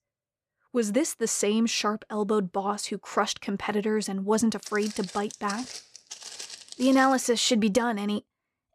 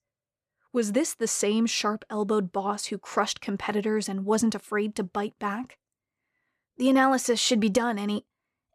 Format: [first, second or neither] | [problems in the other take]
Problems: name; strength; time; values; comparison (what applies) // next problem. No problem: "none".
second | footsteps; faint; from 4.5 to 7.5 s; peak 10 dB below the speech